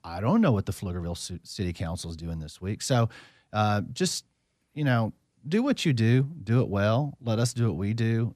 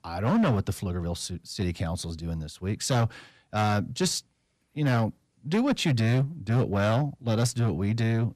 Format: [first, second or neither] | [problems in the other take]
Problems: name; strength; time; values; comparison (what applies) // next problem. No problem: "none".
first | distortion; slight; 8% of the sound clipped